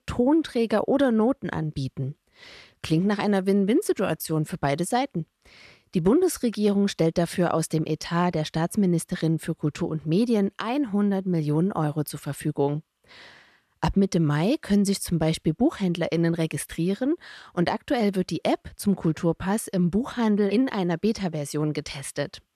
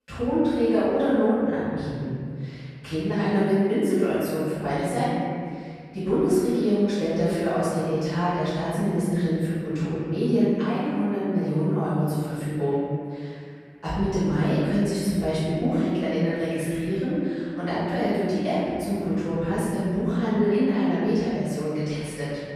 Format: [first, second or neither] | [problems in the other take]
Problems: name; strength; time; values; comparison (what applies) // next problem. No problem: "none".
first | off-mic speech; far // room echo; strong; dies away in 2.1 s